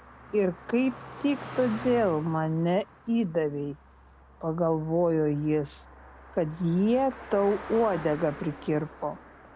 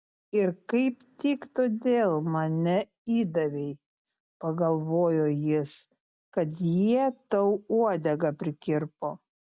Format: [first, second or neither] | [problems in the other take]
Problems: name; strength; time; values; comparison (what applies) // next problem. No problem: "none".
second | background sound (Car passing by); 16 dB below the speech